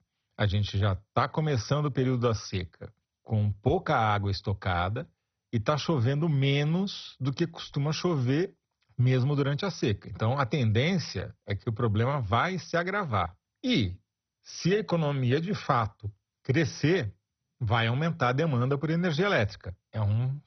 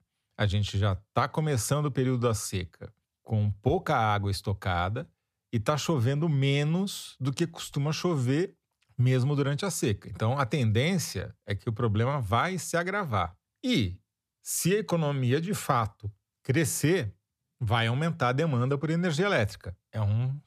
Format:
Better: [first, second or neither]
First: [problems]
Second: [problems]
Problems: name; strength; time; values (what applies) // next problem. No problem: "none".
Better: second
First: garbled, watery; badly; nothing above 6 kHz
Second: none